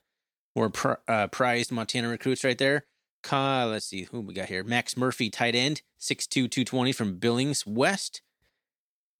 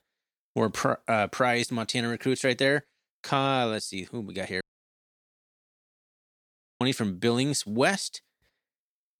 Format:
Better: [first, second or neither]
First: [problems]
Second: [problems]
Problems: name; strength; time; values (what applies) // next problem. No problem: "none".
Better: first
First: none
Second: audio cutting out; at 4.5 s for 2 s